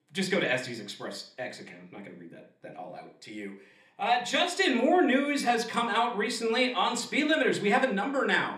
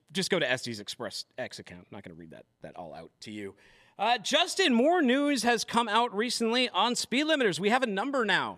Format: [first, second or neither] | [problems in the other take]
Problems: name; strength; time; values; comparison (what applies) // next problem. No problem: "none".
second | room echo; very slight; dies away in 0.4 s